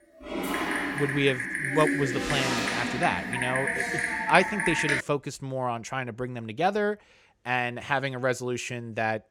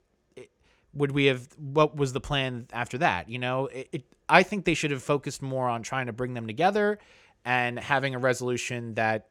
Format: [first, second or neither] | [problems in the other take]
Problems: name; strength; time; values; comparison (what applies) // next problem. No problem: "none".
second | keyboard typing; loud; until 5 s; peak 3 dB above the speech